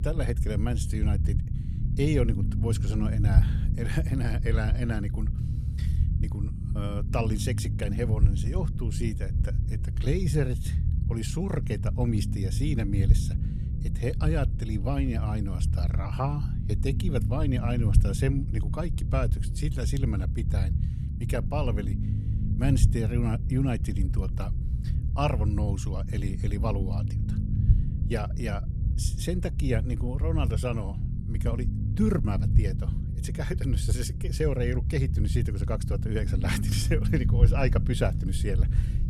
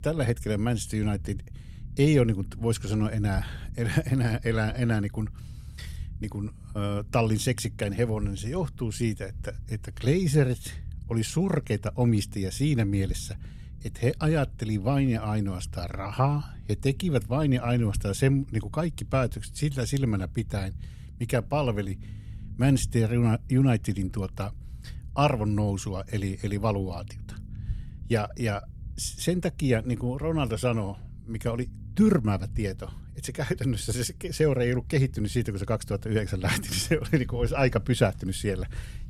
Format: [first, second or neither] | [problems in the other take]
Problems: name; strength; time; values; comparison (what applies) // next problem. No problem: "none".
second | low rumble; loud; throughout; 7 dB below the speech; faint in the second